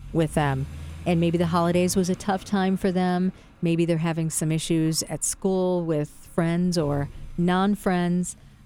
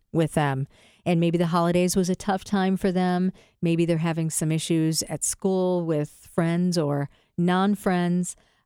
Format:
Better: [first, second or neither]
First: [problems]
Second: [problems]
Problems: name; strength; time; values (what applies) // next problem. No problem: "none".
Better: second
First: traffic noise; noticeable; throughout; 20 dB below the speech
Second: none